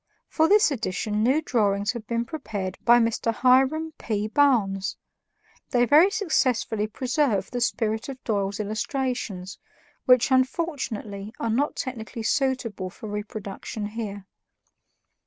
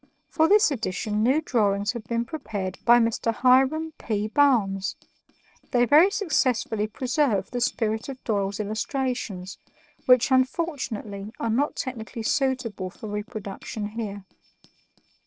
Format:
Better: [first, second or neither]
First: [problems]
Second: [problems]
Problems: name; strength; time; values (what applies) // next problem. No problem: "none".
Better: first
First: none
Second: noise reduction (neural separator model SepFormer DNS4)